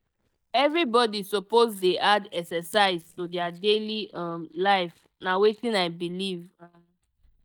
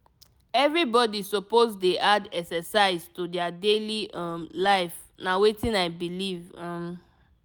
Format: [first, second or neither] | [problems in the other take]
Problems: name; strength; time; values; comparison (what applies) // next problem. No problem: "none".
second | noise reduction (neural mask model DeepFilterNet 3)